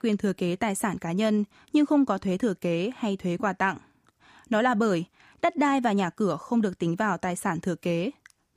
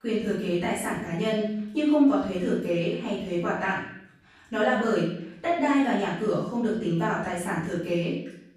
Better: first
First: none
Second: off-mic speech; far // room echo; noticeable; dies away in 0.7 s

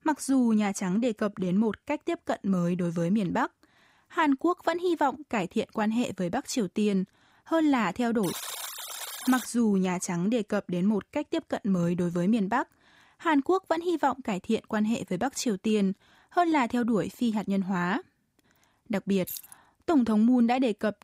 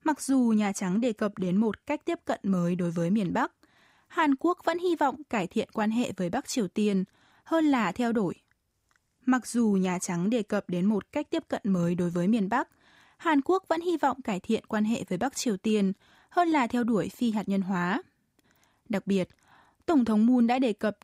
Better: second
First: alarm; noticeable; from 8 to 9.5 s; peak 6 dB below the speech // jangling keys; faint; at 19 s; peak 10 dB below the speech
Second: none

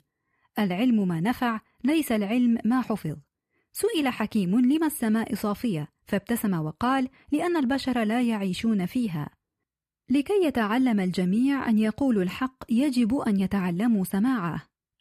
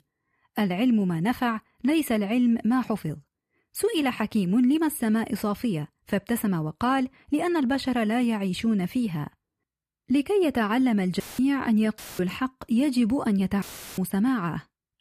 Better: first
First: none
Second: audio cutting out; filled with static; at 11 s, at 12 s and at 14 s

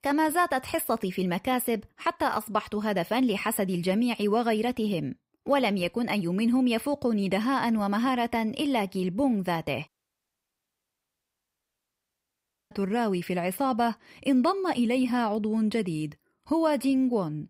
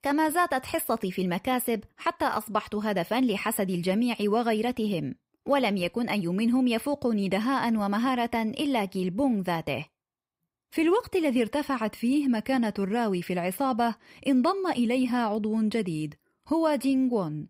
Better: second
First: audio cutting out; at 10 s for 3 s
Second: none

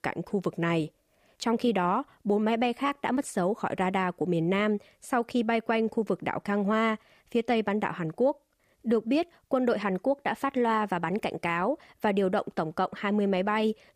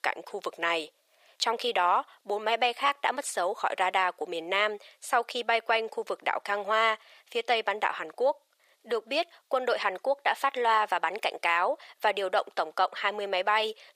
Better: first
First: none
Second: thin; very; fading below 600 Hz

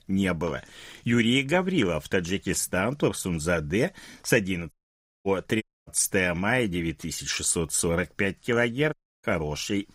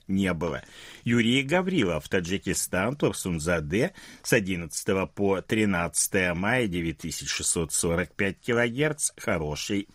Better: second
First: audio cutting out; at 4.5 s for 0.5 s, at 5.5 s and at 9 s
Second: none

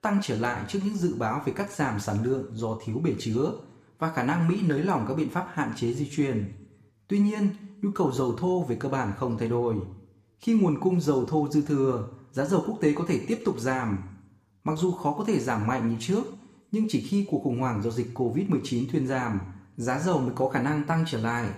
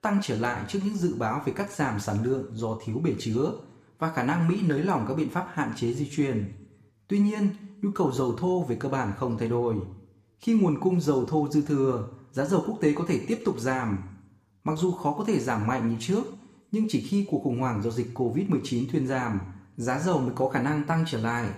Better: neither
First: room echo; slight; dies away in 0.6 s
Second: room echo; slight; dies away in 0.6 s

